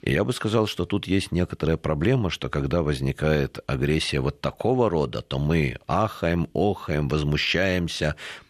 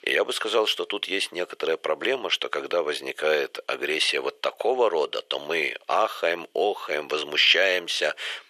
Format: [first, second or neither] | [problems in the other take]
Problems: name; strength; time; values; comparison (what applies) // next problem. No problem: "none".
first | thin; very; fading below 450 Hz